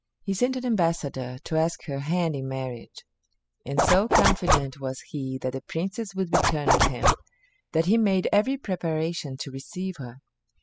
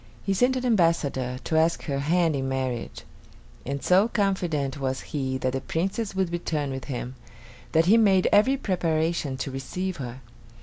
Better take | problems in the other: second | noise reduction (classical method spectral subtraction)

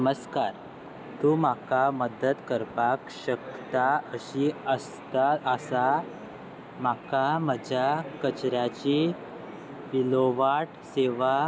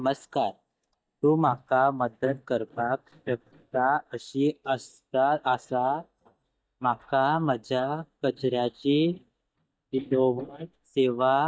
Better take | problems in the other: first | noise reduction (neural mask model DeepFilterNet 3)

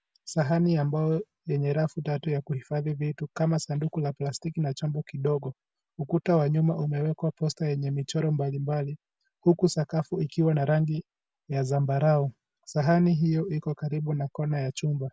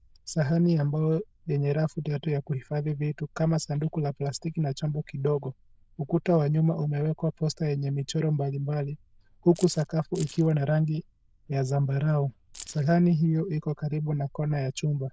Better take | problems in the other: first | noise reduction (neural diffusion model UNIVERSE++)

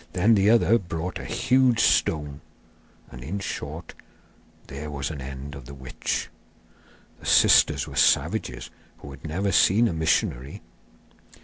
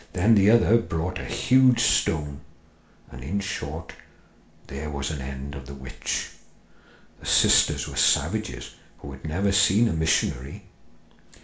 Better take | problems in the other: first | room echo; dies away in 0.4 s

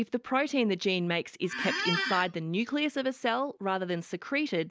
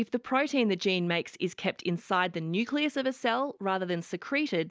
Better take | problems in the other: second | background sound (Squeak); 2 dB below the speech

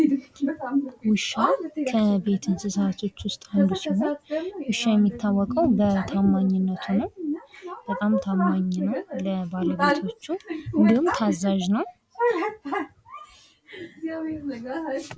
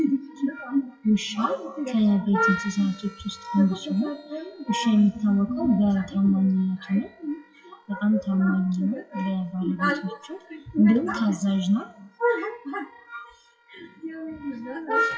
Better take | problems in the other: first | noise reduction (classical method WPE with log-MMSE)

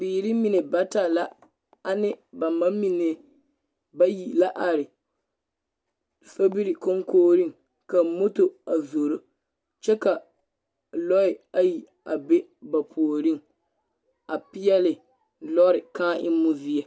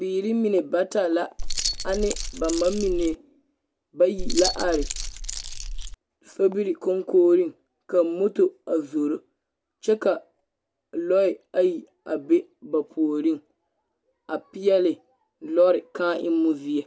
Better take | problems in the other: first | background sound (Keys jangling); 3 dB below the speech

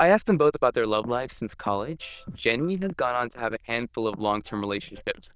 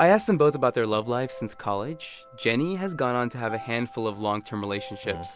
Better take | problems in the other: second | noise reduction (neural diffusion model UNIVERSE++)

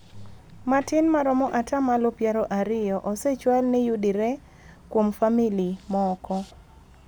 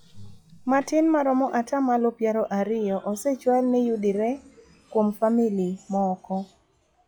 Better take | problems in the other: first | noise reduction (classical method log-MMSE)

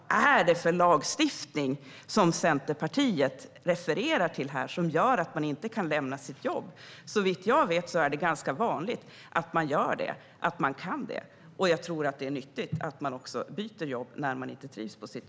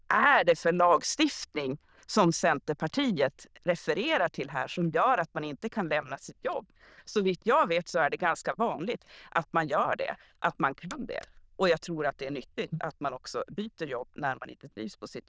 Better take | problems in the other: first | noise reduction (neural diffusion model UNIVERSE++)

